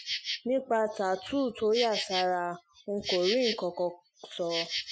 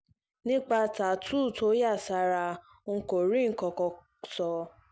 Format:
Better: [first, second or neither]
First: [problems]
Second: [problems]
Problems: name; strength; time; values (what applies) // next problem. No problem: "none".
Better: second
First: noise reduction (classical method Wiener filter)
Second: none